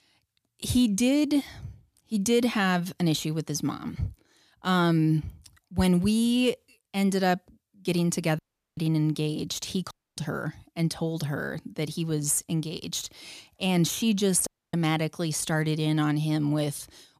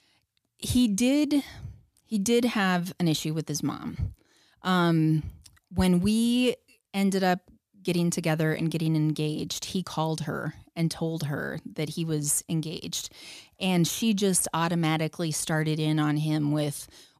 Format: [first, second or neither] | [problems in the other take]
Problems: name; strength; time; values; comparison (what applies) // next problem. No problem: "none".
second | audio cutting out; at 8.5 s, at 10 s and at 14 s